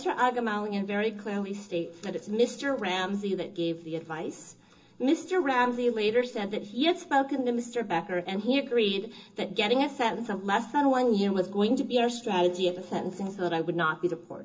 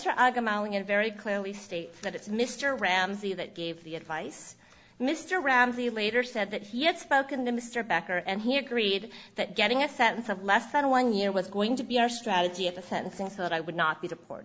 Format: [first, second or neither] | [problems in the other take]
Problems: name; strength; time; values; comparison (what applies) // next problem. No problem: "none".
second | room echo; dies away in 0.2 s